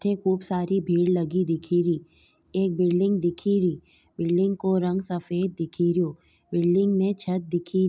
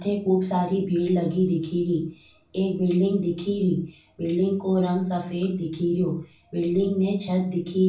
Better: first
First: none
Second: room echo; dies away in 0.3 s

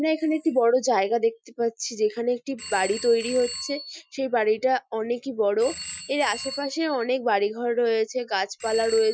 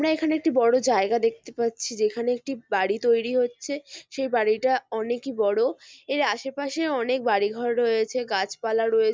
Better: second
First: noise reduction (classical method Wiener filter)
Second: none

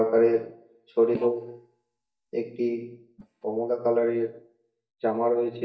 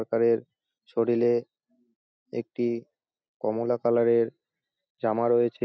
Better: second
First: noise reduction (neural mask model DeepFilterNet 3)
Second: none

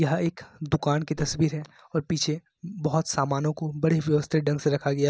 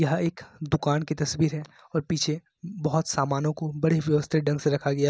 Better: second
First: background sound (Whoosh, swoosh, swish); 13 dB below the speech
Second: none

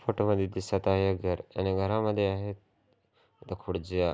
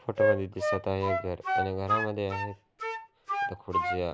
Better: first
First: none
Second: background sound (Wind instrument, woodwind instrument); 2 dB above the speech

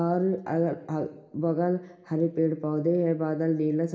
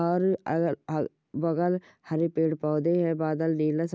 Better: second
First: room echo; dies away in 1.2 s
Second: none

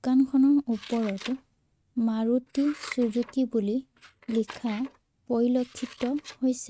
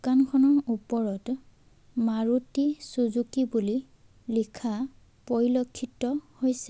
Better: second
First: noise reduction (neural mask model RNNoise)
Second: none

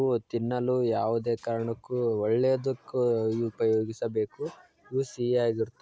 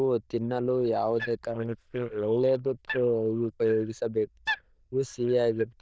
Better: first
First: none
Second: noise reduction (neural diffusion model UNIVERSE++)

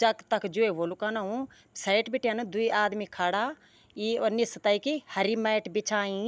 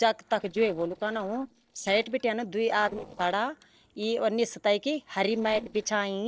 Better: first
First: none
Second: noise reduction (neural separator model SepFormer DNS4)

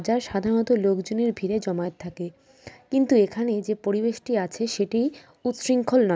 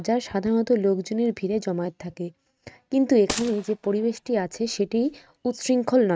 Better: first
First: none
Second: noise reduction (neural mask model RNNoise)

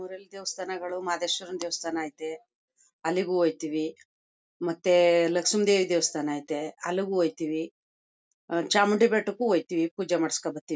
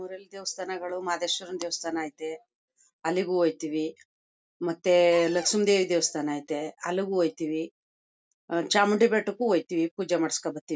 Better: first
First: none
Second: background sound (Cupboard open or close); 15 dB below the speech

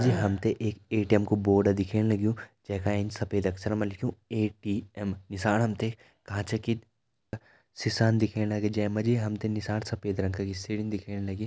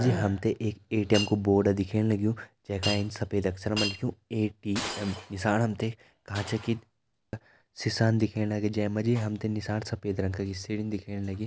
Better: first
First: none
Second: background sound (Shatter); 14 dB below the speech

